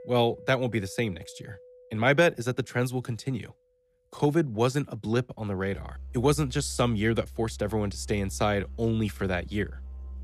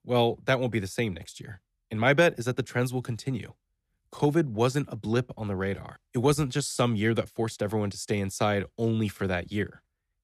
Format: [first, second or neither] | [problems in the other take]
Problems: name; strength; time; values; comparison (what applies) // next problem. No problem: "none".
second | background music; noticeable; throughout; 15 dB below the speech